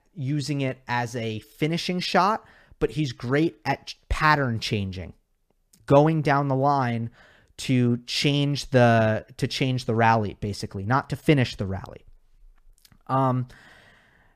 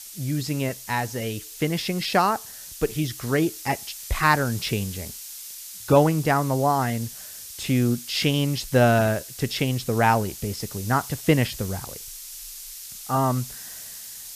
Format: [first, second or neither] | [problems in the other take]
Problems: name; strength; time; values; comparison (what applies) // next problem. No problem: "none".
first | hiss; noticeable; throughout; 10 dB below the speech